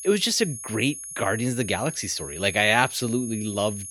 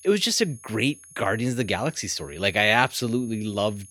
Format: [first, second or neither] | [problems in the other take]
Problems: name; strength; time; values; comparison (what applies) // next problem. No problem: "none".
second | high-pitched whine; loud; throughout; 10 kHz, 10 dB below the speech; faint in the second